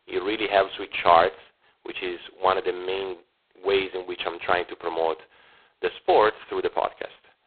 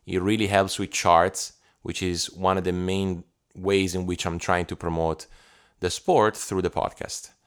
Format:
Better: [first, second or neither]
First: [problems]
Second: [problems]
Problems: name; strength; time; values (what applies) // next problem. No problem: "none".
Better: second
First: phone-call audio; poor line; nothing above 4 kHz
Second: none